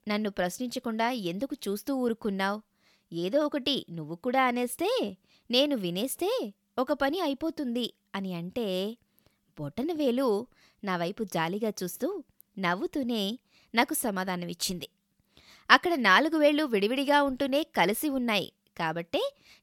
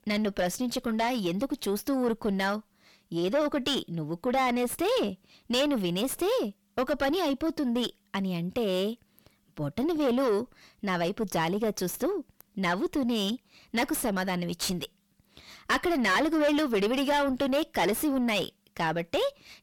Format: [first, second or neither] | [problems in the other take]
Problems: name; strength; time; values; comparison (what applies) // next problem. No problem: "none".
first | distortion; heavy; 5 dB below the speech